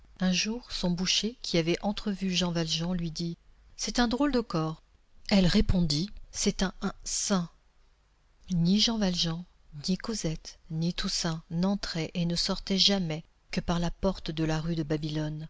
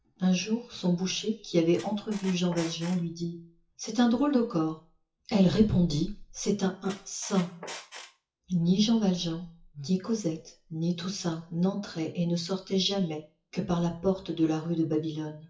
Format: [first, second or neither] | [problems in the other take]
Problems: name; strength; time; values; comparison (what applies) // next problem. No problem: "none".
first | noise reduction (classical method WPE with log-MMSE)